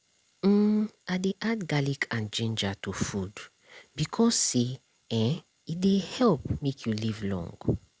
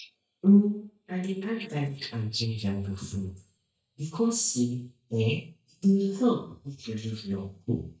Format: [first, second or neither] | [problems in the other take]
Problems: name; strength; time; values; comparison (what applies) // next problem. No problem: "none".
first | noise reduction (neural mask model DeepFilterNet 3)